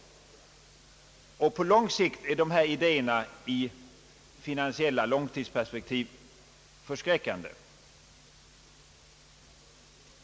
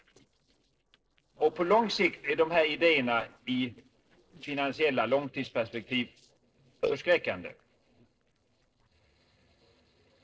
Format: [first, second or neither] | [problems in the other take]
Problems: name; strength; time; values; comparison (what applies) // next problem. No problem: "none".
first | noise reduction (neural separator model SepFormer DNS4)